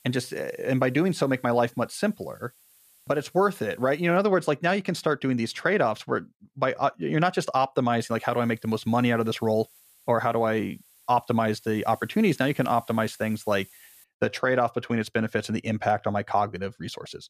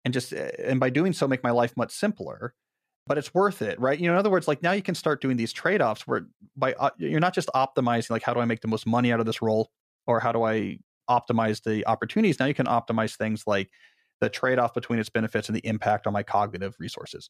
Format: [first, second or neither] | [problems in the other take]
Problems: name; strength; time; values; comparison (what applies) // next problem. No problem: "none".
second | hiss; faint; until 4 s and from 8 to 14 s; 25 dB below the speech